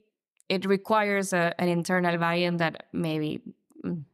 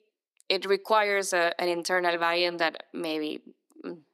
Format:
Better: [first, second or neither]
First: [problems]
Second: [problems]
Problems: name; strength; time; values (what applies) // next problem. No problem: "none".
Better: first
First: none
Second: thin; very; fading below 300 Hz